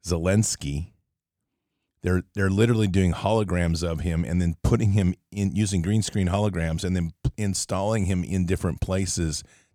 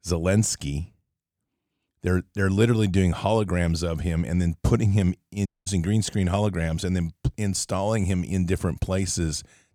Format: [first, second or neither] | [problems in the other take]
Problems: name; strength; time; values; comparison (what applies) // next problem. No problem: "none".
first | audio cutting out; at 5.5 s